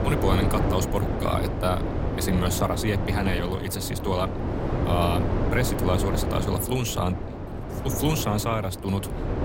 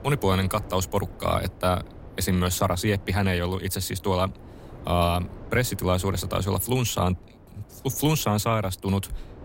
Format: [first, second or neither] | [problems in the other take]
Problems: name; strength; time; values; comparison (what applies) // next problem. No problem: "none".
second | wind noise on the microphone; heavy; 4 dB below the speech; occasional gusts in the second